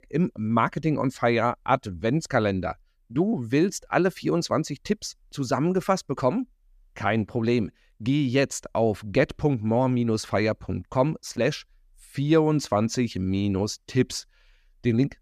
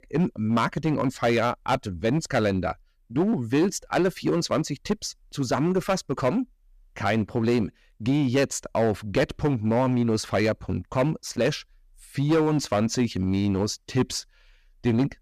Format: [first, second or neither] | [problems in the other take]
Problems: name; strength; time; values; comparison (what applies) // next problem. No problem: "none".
first | distortion; slight; 7% of the sound clipped